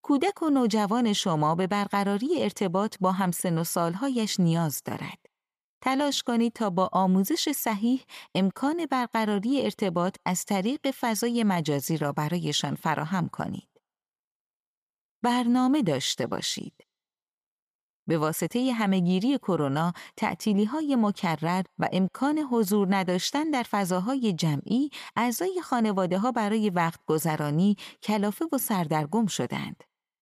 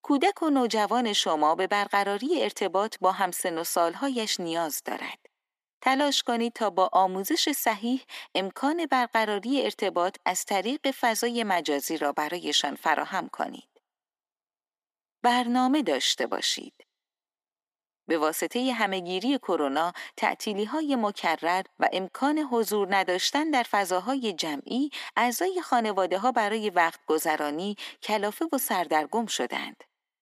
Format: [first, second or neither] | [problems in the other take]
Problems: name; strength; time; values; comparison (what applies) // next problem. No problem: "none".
first | thin; somewhat; fading below 250 Hz